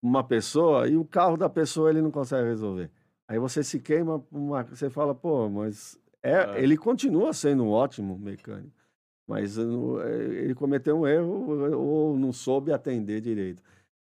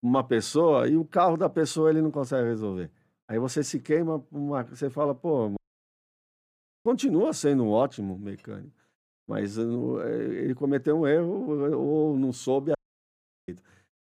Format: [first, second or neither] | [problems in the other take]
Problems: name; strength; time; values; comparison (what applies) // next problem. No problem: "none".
first | audio cutting out; at 5.5 s for 1.5 s and at 13 s for 0.5 s